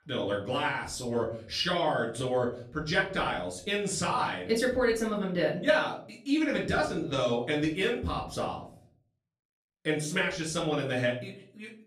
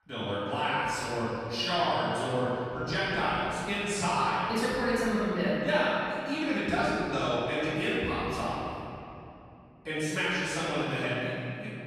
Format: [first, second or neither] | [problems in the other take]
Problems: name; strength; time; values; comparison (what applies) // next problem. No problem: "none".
first | room echo; strong; dies away in 2.8 s; slight in the first // off-mic speech; far; far in the first